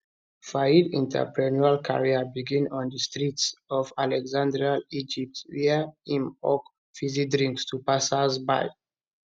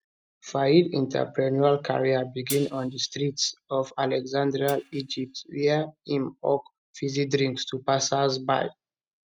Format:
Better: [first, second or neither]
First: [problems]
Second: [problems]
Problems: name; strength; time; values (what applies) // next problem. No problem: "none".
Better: first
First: none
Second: noise reduction (neural mask model RNNoise)